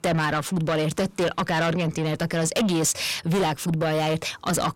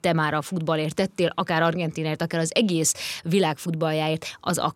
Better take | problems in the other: second | distortion; heavy; 6 dB below the speech

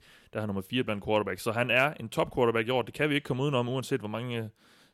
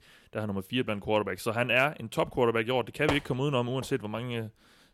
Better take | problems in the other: first | door banging; noticeable; at 3 s; peak 5 dB below the speech

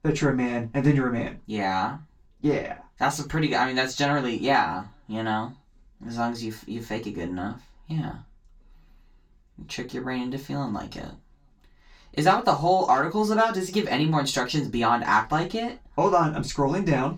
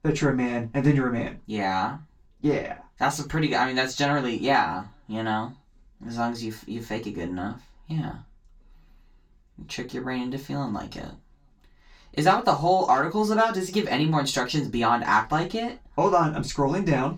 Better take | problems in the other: neither | room echo; very slight; dies away in 0.2 s; the same in both // off-mic speech; far; the same in both

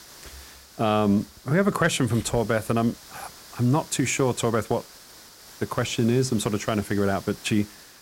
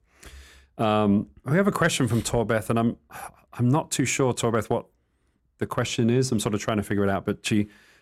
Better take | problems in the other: second | hiss; noticeable; throughout; 20 dB below the speech

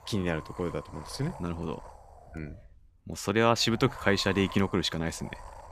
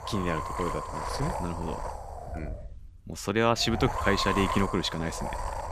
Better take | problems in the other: first | wind noise on the microphone; heavy; 3 dB below the speech; occasional gusts in the first

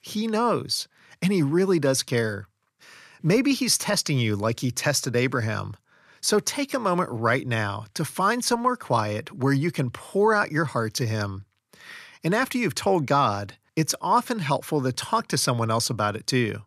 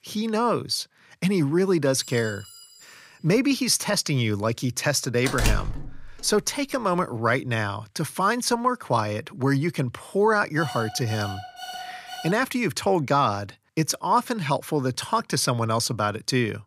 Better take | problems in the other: first | clattering dishes; faint; from 2 to 3 s; peak 15 dB below the speech // door banging; noticeable; at 5.5 s; peak 2 dB below the speech // alarm; faint; from 11 to 12 s; peak 10 dB below the speech

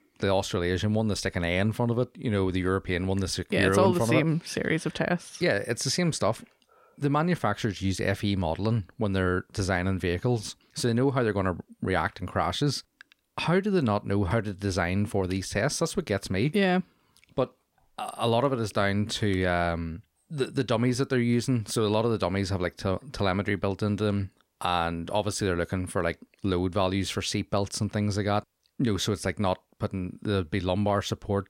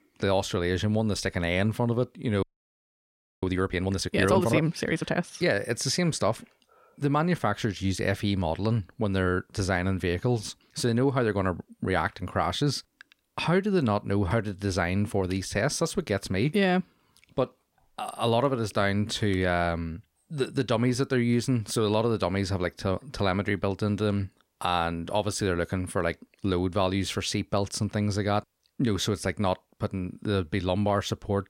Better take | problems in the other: first | audio freezing; at 2.5 s for 1 s

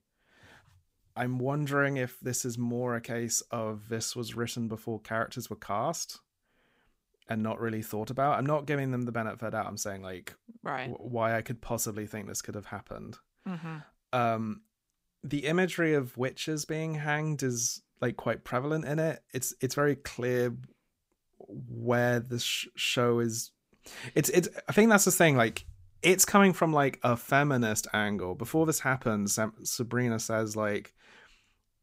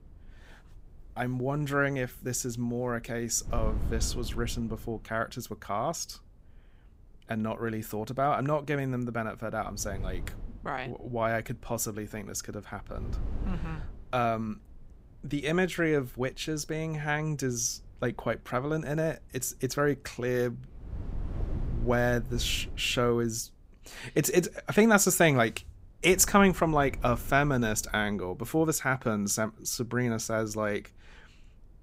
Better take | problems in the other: first | wind noise on the microphone; occasional gusts; 25 dB below the speech

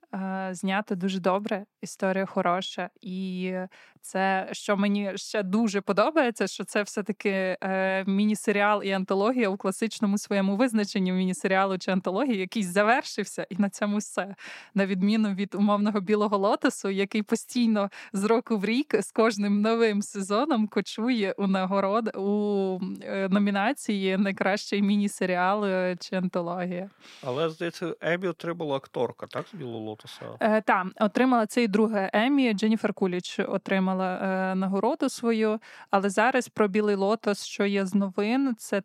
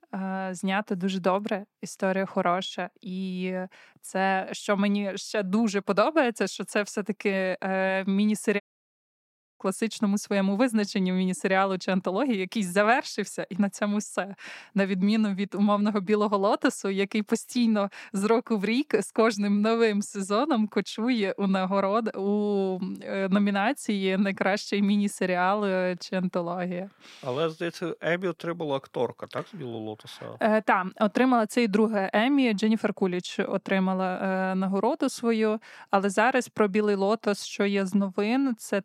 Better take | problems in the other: first | audio cutting out; at 8.5 s for 1 s

